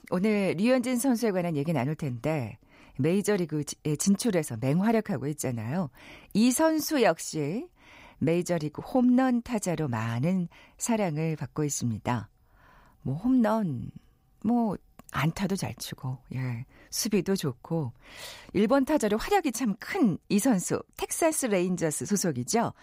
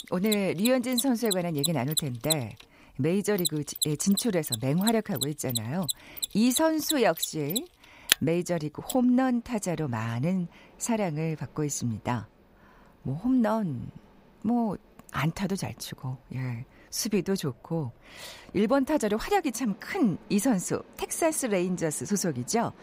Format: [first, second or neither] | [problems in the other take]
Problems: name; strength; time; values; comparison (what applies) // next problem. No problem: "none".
first | machinery noise; loud; throughout; 3 dB below the speech